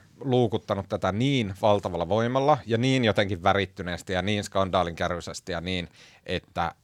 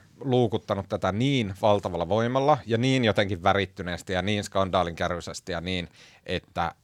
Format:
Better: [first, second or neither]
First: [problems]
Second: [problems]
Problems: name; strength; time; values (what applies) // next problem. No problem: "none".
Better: neither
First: none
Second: none